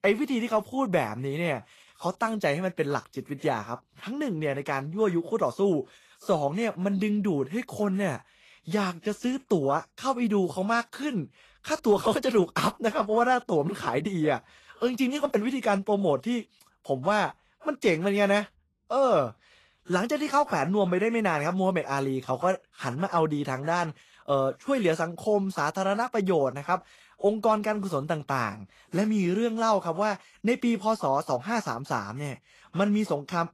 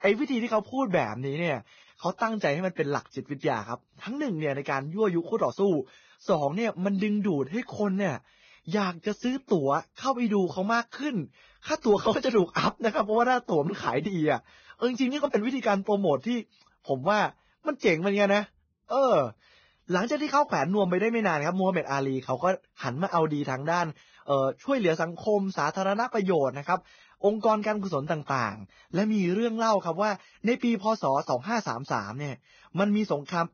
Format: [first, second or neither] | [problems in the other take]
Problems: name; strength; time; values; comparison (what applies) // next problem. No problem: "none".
first | garbled, watery; badly; nothing above 6.5 kHz; slightly in the first